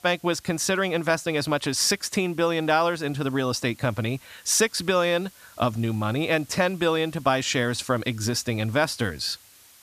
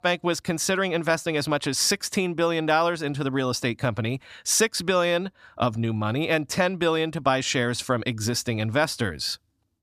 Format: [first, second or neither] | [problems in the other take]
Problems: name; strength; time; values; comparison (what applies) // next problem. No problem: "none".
second | hiss; faint; throughout; 25 dB below the speech